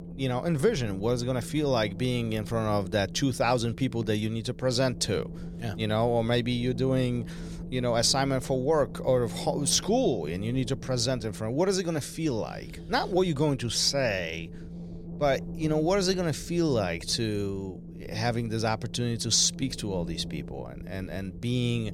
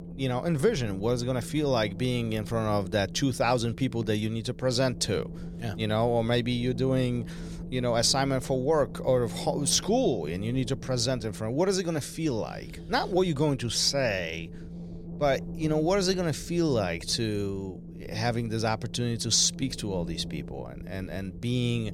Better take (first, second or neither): neither